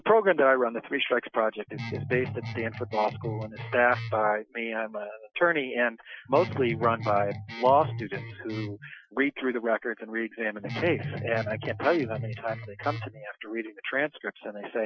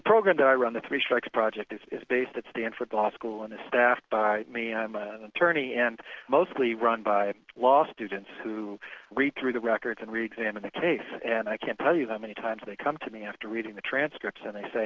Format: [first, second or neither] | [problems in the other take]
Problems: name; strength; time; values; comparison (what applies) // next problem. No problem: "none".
second | noise reduction (classical method Wiener filter)